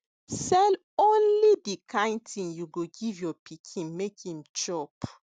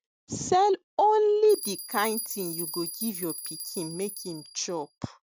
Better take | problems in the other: first | background sound (Bell); 10 dB below the speech

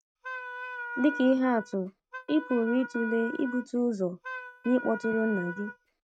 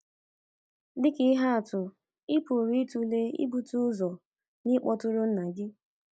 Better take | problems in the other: second | noise reduction (neural mask model RNNoise)

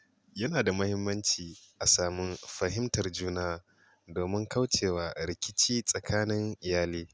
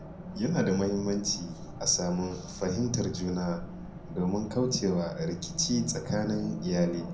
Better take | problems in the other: first | background sound (Race car, auto racing); 10 dB below the speech // room echo; dies away in 0.6 s

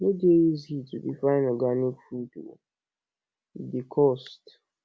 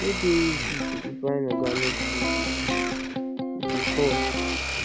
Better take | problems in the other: first | background sound (Electric guitar + Domestic sounds, home sounds); 2 dB above the speech

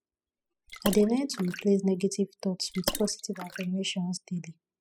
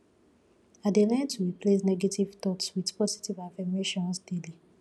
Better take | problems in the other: second | noise reduction (classical method spectral subtraction)

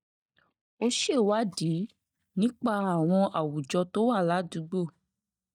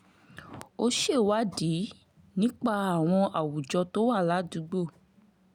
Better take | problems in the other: second | noise reduction (neural mask model DeepFilterNet 3)

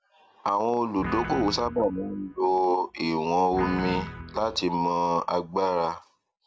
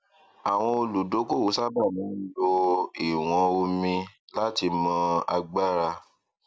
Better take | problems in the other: second | background sound (Guitar); 12 dB below the speech

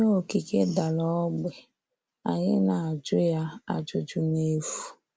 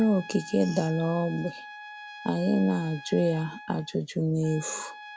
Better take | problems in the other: first | background sound (Trumpet); 16 dB below the speech

